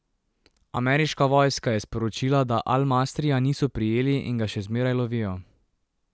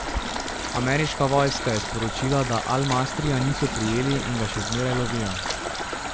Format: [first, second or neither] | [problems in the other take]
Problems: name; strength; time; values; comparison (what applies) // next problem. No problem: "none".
first | background sound (Water tap, faucet + Stream); 4 dB below the speech